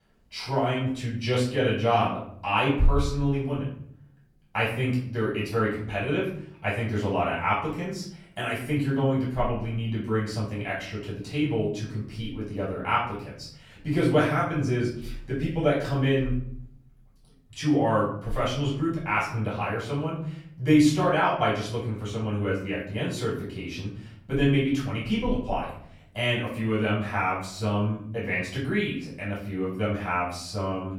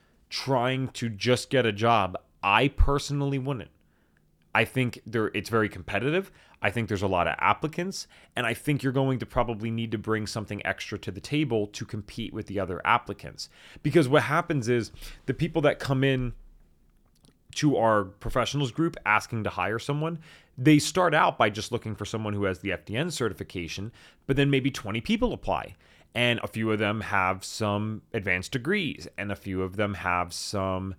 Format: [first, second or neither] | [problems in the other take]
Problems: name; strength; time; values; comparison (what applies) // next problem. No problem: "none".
second | off-mic speech; far // room echo; noticeable; dies away in 0.7 s